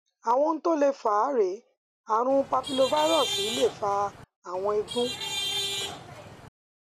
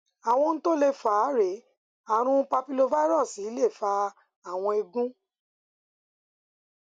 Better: second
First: background sound (Traffic noise, roadway noise / Vehicle horn, car horn, honking); 6 dB below the speech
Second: none

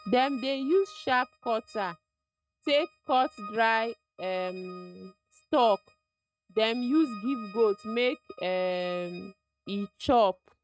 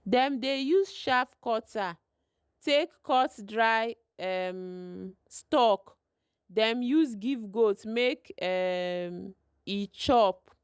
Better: second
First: noise reduction (neural mask model RNNoise)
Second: none

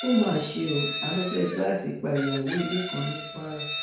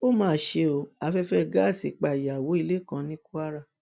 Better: second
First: background sound (Chicken, rooster); 7 dB below the speech // room echo; dies away in 0.5 s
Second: none

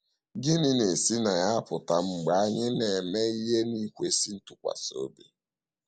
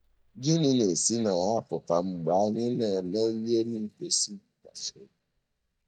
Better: first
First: none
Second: noise reduction (neural mask model DeepFilterNet 3)

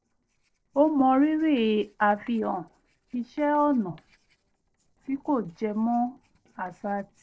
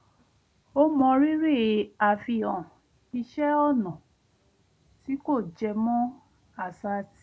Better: second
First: noise reduction (neural separator model SepFormer DNS4)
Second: none

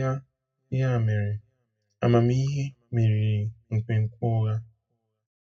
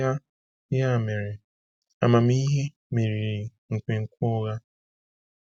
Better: second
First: room echo; dies away in 0.2 s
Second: none

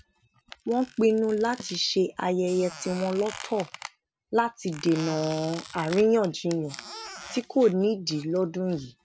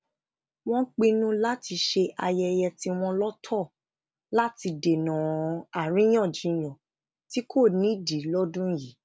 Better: second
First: background sound (Squeak); 17 dB below the speech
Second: none

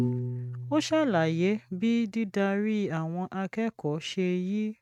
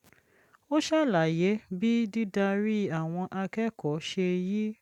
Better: second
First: noise reduction (neural mask model RNNoise)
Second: none

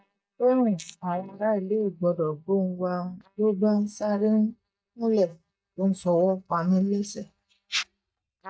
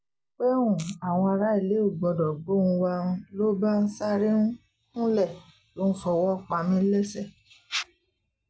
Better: second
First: noise reduction (neural mask model DeepFilterNet 3)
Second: none

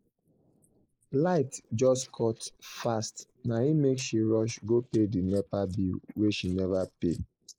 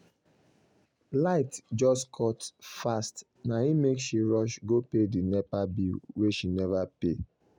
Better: second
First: noise reduction (neural mask model Resemble Enhance denoiser)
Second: none

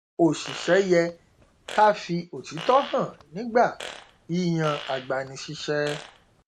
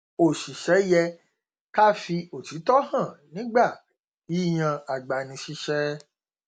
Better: second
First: background sound (Fart); 16 dB below the speech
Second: none

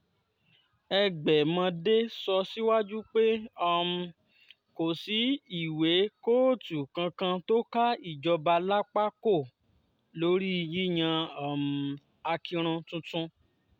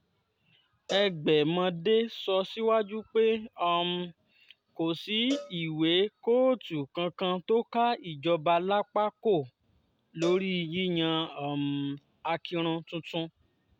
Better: first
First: none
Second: background sound (Cowbell); 17 dB below the speech

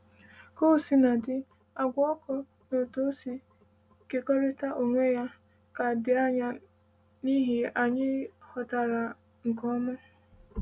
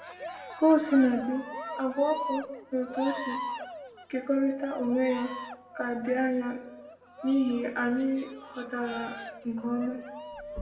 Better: first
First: none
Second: background sound (Cheering); 11 dB below the speech // room echo; dies away in 0.8 s

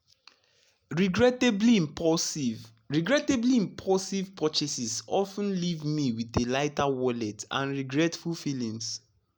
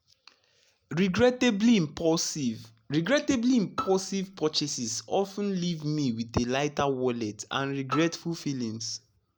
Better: first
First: none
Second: background sound (Bowed string instrument); 13 dB below the speech

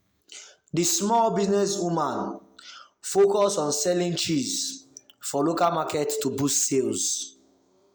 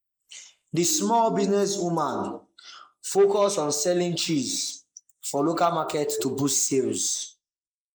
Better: first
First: none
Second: noise reduction (neural mask model Resemble Enhance denoiser)

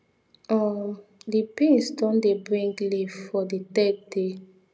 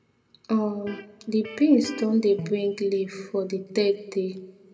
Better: first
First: none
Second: background sound (Electric guitar); 15 dB below the speech // room echo; dies away in 0.8 s

